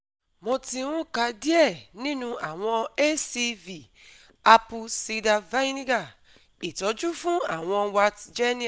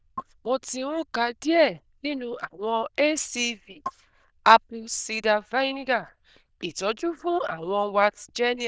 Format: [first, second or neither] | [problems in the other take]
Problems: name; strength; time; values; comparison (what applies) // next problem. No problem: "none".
first | noise reduction (neural diffusion model UNIVERSE++)